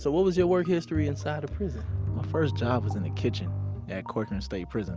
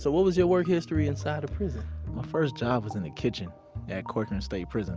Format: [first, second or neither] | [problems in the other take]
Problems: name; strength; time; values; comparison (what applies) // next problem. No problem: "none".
second | background sound (Bowed string instrument); 4 dB below the speech